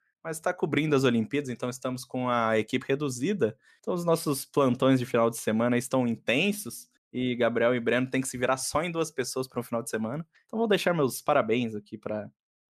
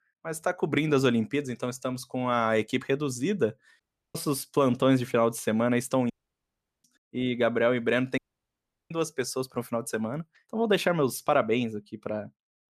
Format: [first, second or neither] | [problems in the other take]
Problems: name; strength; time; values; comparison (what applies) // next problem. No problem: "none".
first | audio cutting out; at 4 s, at 6 s for 0.5 s and at 8 s for 0.5 s